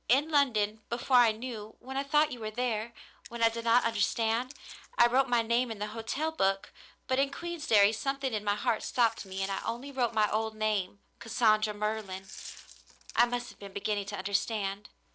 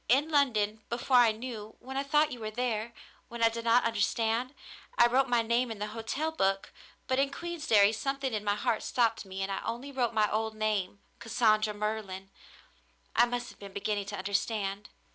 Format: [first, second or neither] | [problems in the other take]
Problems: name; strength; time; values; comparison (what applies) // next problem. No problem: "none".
second | noise reduction (neural separator model SepFormer DNS4)